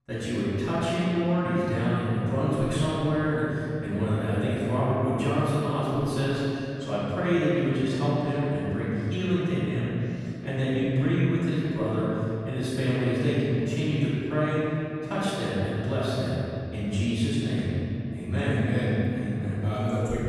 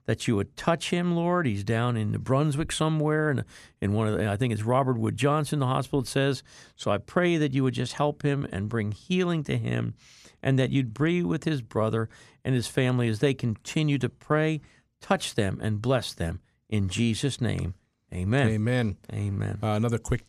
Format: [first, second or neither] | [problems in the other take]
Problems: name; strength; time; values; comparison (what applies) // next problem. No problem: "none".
second | off-mic speech; far // room echo; strong; dies away in 2.9 s